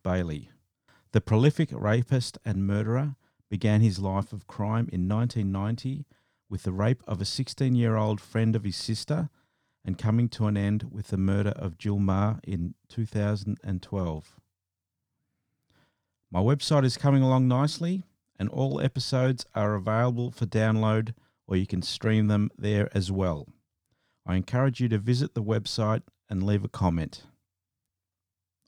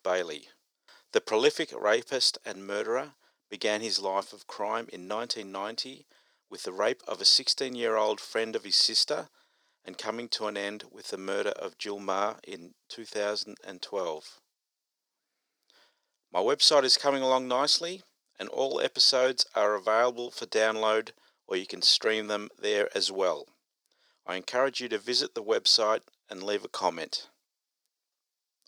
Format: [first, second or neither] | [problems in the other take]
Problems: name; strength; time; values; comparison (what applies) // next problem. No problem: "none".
first | thin; very; fading below 400 Hz